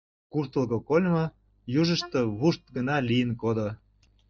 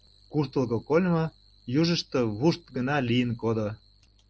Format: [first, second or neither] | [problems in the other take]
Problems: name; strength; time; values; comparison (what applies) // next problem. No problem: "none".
second | noise reduction (neural mask model DeepFilterNet 3)